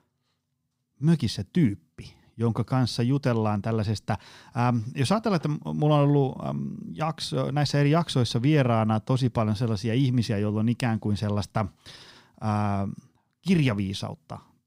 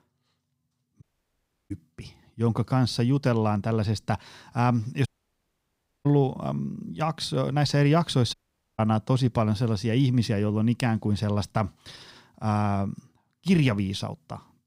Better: first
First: none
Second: audio cutting out; at 1 s for 0.5 s, at 5 s for 1 s and at 8.5 s

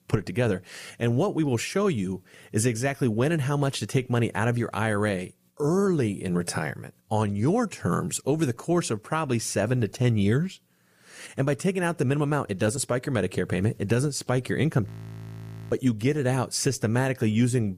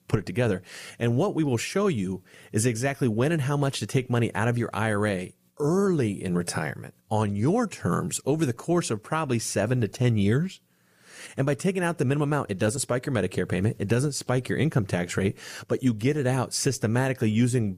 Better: second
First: audio freezing; at 15 s for 1 s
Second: none

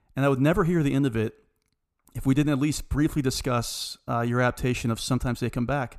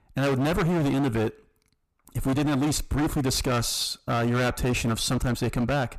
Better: first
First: none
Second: distortion; heavy; 26% of the sound clipped

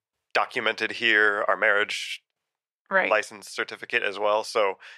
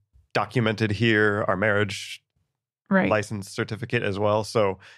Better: second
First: thin; very; fading below 550 Hz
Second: none

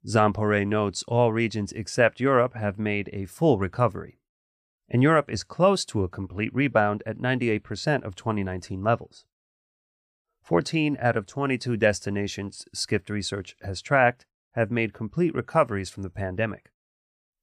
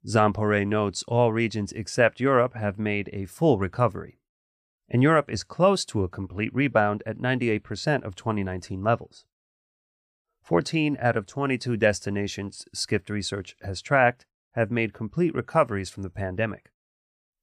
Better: neither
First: none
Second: none

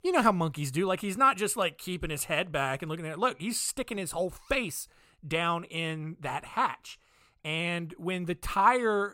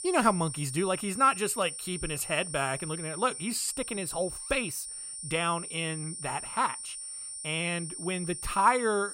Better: first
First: none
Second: high-pitched whine; loud; throughout; 9 kHz, 7 dB below the speech

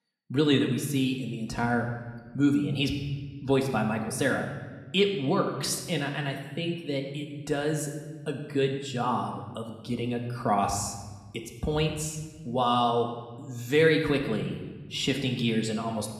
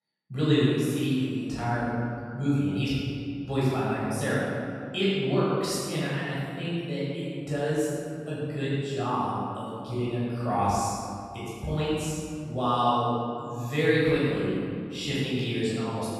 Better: first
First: room echo; slight; dies away in 1.1 s // off-mic speech; somewhat distant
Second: room echo; strong; dies away in 2.2 s // off-mic speech; far

